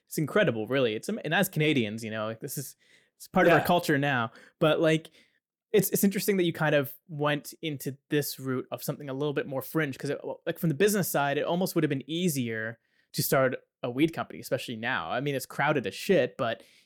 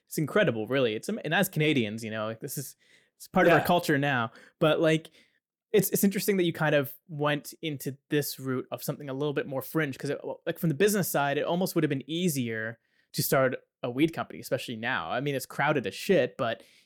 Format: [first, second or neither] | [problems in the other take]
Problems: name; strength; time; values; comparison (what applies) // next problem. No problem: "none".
neither | none